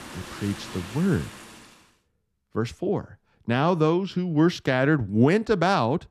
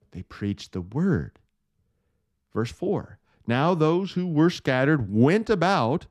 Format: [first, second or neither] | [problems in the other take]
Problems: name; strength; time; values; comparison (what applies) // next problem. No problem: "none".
second | rain or running water; noticeable; until 1.5 s; 15 dB below the speech